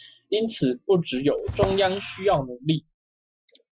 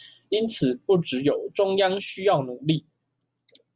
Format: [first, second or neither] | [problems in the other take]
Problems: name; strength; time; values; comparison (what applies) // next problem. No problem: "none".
second | noise reduction (classical method Wiener filter)